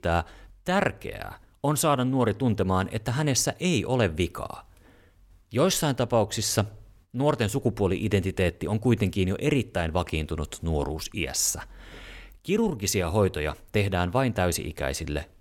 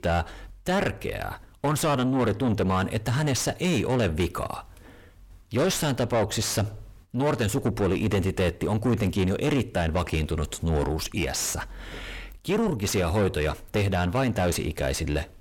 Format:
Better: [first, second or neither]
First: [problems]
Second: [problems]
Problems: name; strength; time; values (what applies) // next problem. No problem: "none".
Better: first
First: none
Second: distortion; heavy; 6 dB below the speech